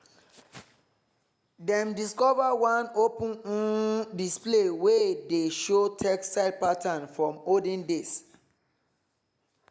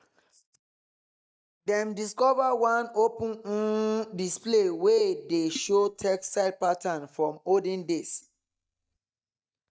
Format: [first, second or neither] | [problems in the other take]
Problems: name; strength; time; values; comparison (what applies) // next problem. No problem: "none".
first | noise reduction (neural mask model DeepFilterNet 3)